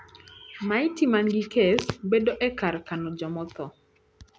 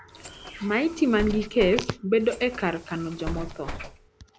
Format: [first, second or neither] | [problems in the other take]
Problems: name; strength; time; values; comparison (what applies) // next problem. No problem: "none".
first | background sound (Bus); 11 dB below the speech